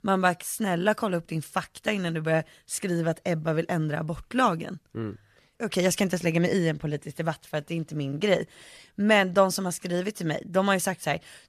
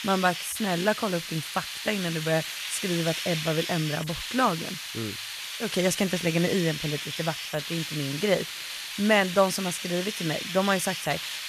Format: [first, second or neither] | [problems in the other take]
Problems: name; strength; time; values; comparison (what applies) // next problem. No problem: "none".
first | hiss; loud; throughout; 5 dB below the speech